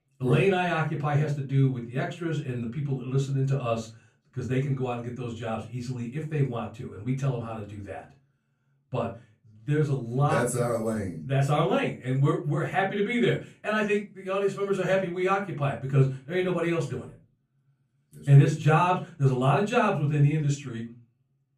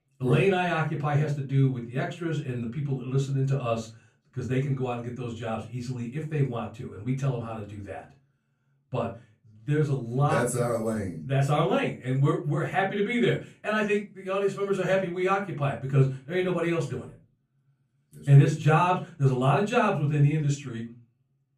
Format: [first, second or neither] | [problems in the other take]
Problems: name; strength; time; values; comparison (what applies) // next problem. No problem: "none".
neither | off-mic speech; far; the same in both // room echo; slight; dies away in 0.2 s; the same in both